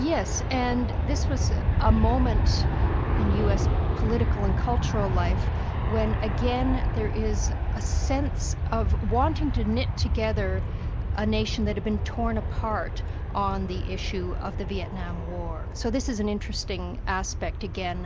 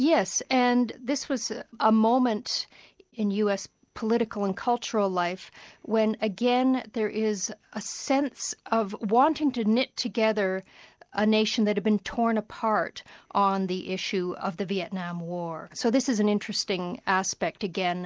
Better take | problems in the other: second | background sound (Aircraft); 4 dB above the speech

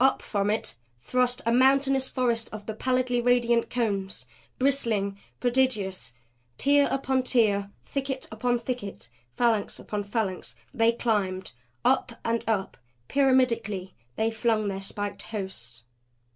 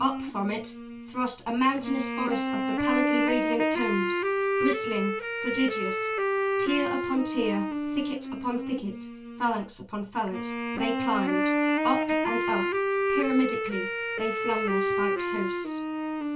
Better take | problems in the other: first | background sound (Wind instrument, woodwind instrument); 2 dB above the speech // room echo; dies away in 0.2 s

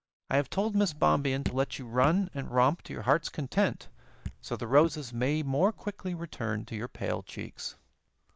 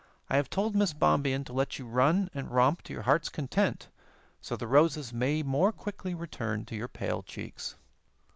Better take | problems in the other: second | noise reduction (neural mask model DeepFilterNet 3)

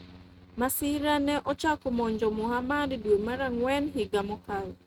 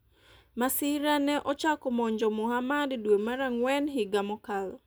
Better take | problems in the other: second | noise reduction (neural mask model RNNoise)

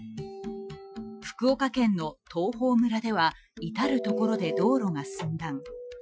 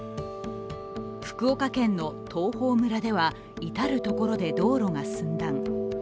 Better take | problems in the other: second | noise reduction (classical method Wiener filter)

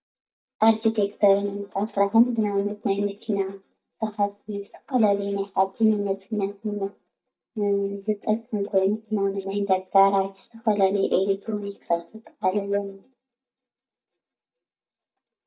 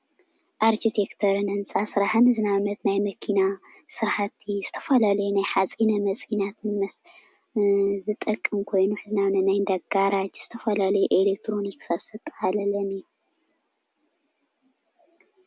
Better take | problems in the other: second | noise reduction (neural mask model DeepFilterNet 3)

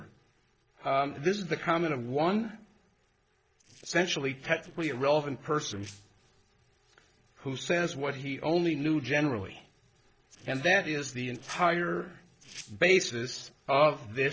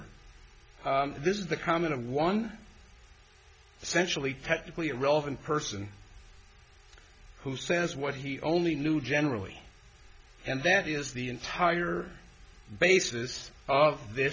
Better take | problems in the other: second | noise reduction (neural separator model SepFormer DNS4)

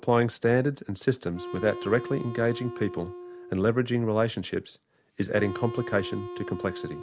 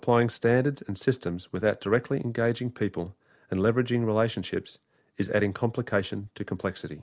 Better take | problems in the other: second | background sound (Wind instrument, woodwind instrument); 12 dB below the speech

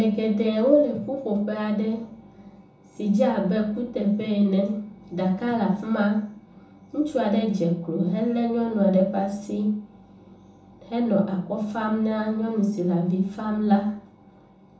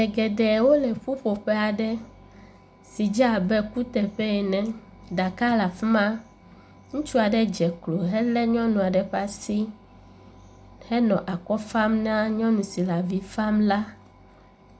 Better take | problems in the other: second | room echo; dies away in 1 s

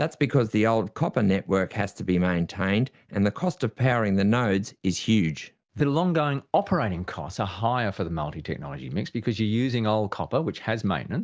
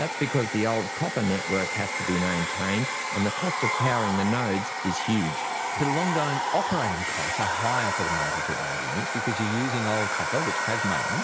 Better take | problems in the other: first | background sound (Domestic sounds, home sounds); as loud as the speech

